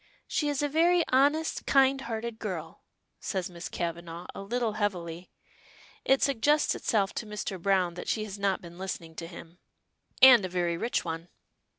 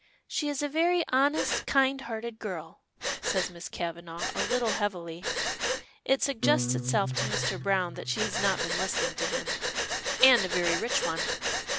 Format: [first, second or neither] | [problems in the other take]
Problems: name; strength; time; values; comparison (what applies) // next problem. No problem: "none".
first | background sound (Acoustic guitar + Breathing); 3 dB below the speech